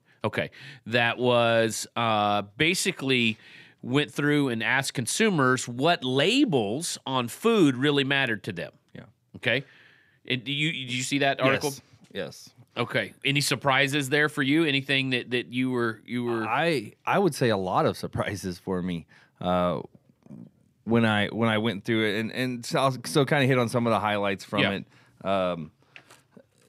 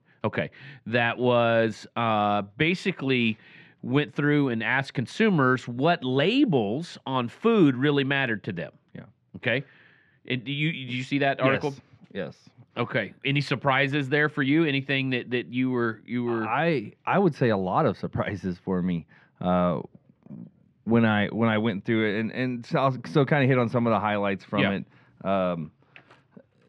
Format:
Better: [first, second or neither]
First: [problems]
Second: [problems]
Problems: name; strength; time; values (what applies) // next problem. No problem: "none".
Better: first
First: none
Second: muffled; slightly; fading above 2.5 kHz